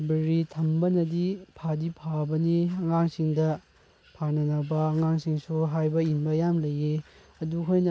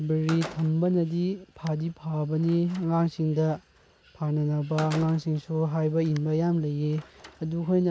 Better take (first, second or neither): first